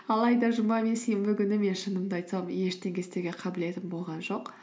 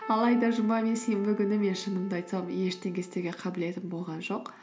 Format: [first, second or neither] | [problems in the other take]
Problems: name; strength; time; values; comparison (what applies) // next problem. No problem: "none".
first | background sound (Keyboard (musical)); 17 dB below the speech